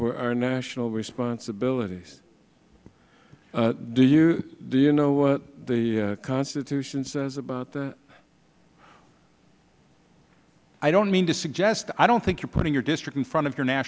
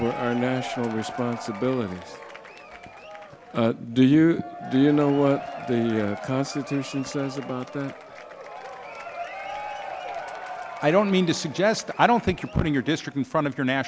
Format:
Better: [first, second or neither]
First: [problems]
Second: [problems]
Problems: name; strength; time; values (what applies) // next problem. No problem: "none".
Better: first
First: none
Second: background sound (Applause / Crowd / Cheering); 12 dB below the speech